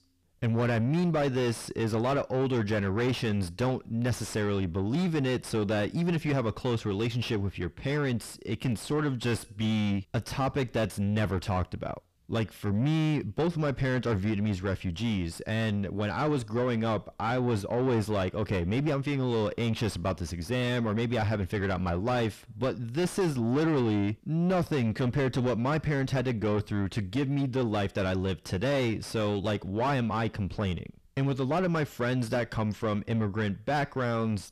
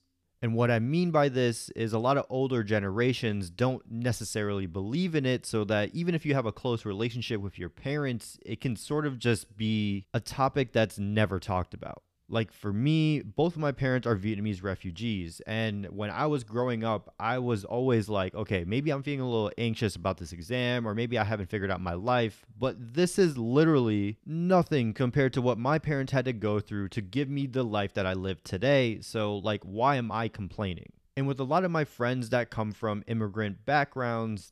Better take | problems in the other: second | distortion; heavy; 7 dB below the speech

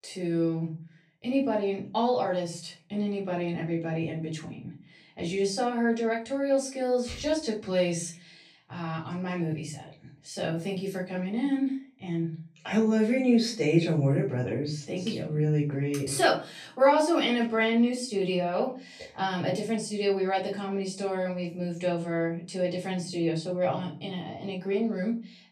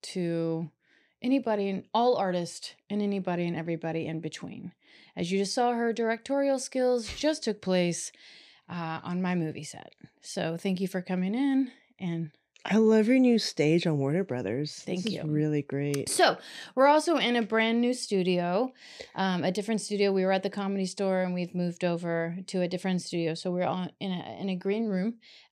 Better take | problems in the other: second | off-mic speech; far // room echo; slight; dies away in 0.3 s

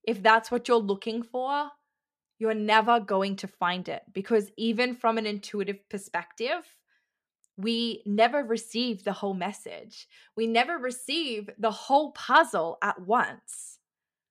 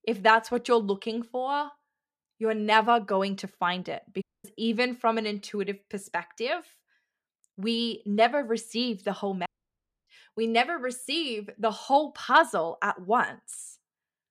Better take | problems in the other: first | audio cutting out; at 4 s and at 9.5 s for 0.5 s

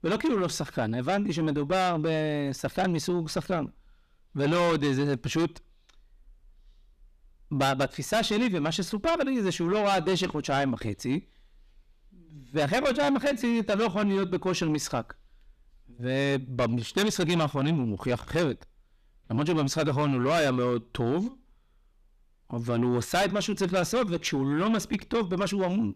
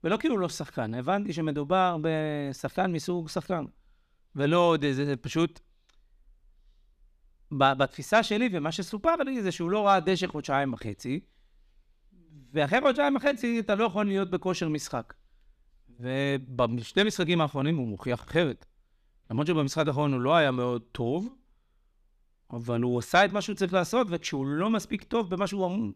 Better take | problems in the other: second | distortion; heavy; 7 dB below the speech

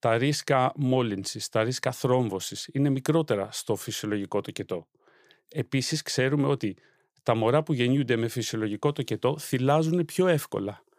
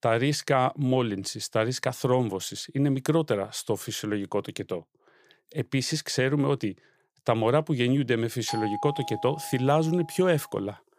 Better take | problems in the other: first | doorbell; noticeable; from 8.5 to 10 s; peak 6 dB below the speech

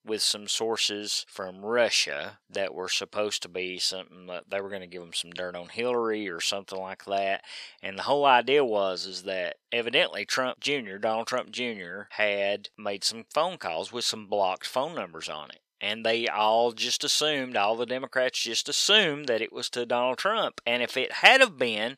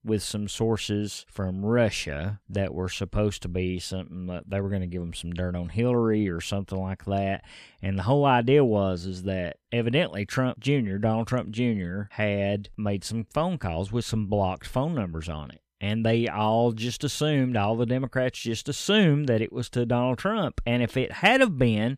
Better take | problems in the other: second | thin; very; fading below 550 Hz

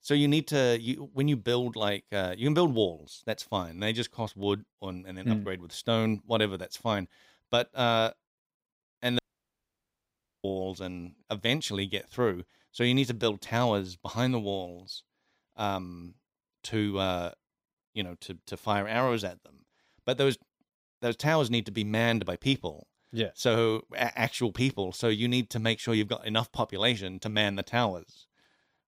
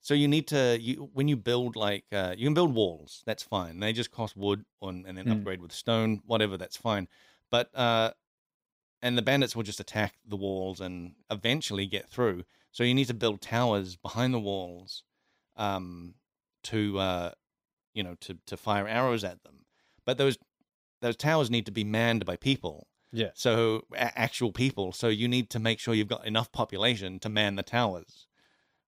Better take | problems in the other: second | audio cutting out; at 9 s for 1.5 s

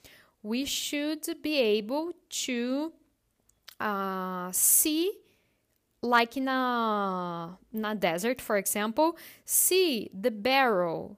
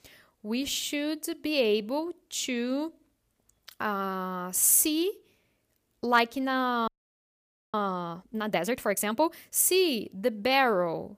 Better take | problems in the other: first | audio freezing; at 7 s for 1 s

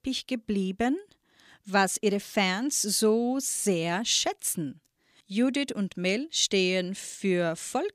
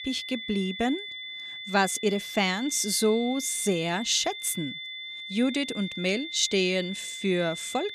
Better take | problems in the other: first | high-pitched whine; loud; throughout; 3.5 kHz, 9 dB below the speech

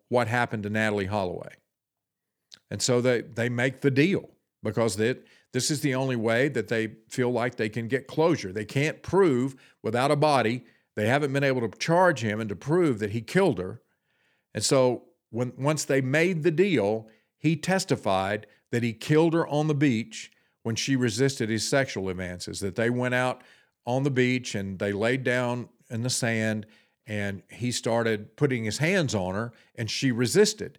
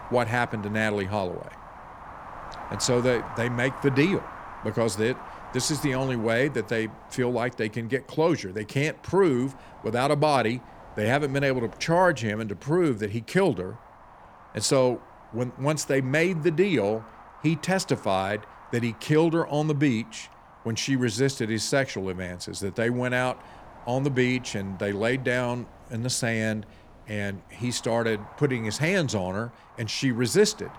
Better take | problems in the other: first | wind noise on the microphone; occasional gusts; 15 dB below the speech

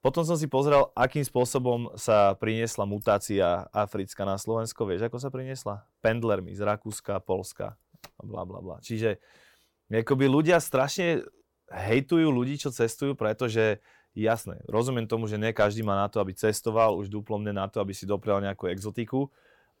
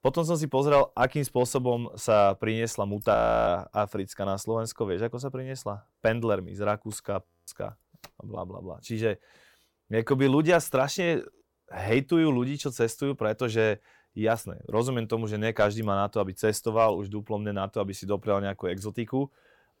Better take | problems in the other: first | audio freezing; at 3 s and at 7.5 s

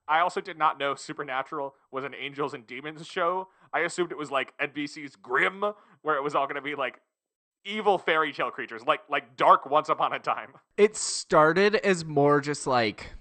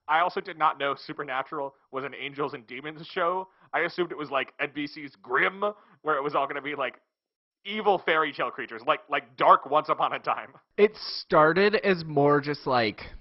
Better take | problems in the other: first | garbled, watery; badly; nothing above 5.5 kHz; slightly in the first

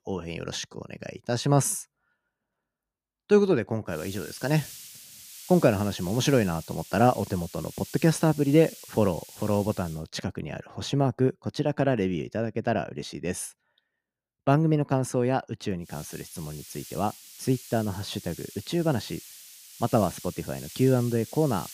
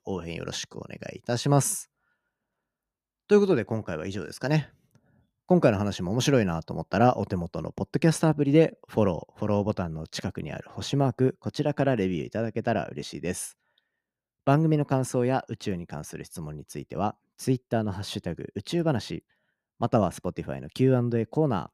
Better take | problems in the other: second | hiss; noticeable; from 4 to 10 s and from 16 s on; 15 dB below the speech

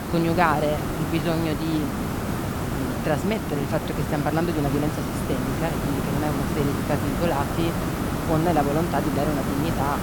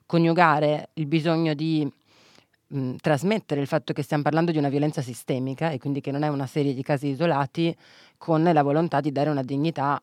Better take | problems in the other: second | hiss; loud; throughout; 1 dB below the speech

